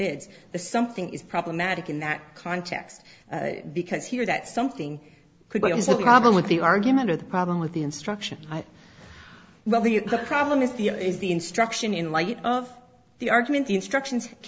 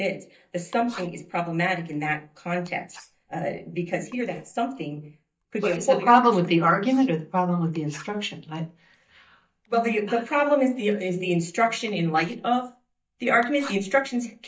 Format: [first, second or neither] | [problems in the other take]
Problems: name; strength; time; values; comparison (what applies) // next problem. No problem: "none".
first | noise reduction (neural mask model DeepFilterNet 3)